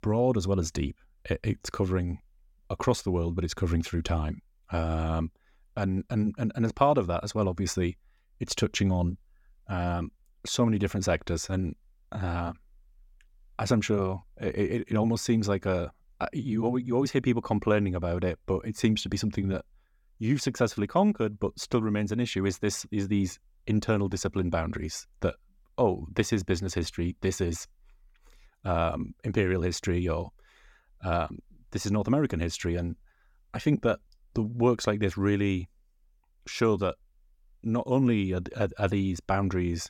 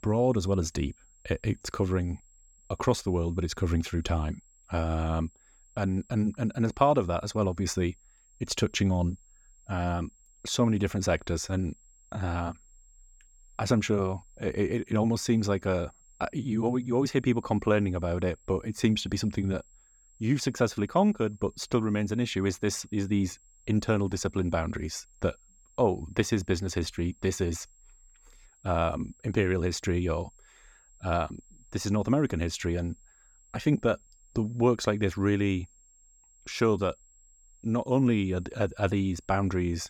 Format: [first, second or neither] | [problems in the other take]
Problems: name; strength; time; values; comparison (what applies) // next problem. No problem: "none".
first | high-pitched whine; faint; throughout; 7.5 kHz, 30 dB below the speech